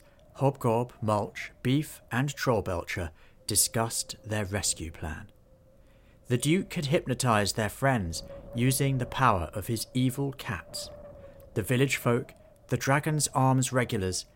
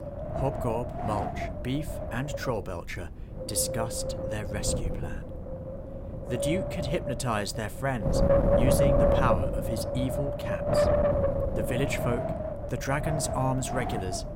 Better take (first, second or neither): first